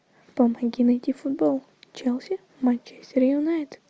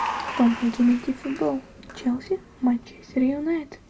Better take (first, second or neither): first